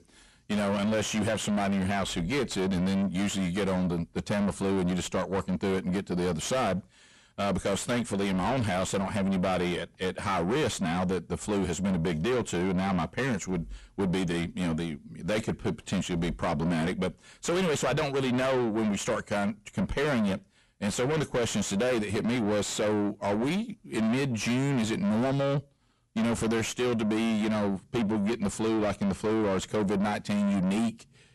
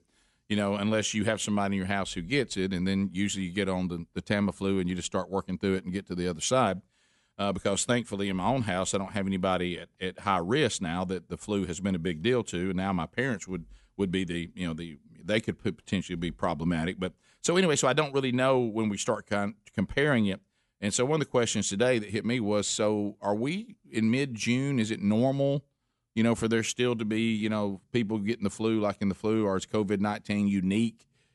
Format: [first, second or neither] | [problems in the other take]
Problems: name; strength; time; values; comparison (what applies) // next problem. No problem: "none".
second | distortion; heavy; 6 dB below the speech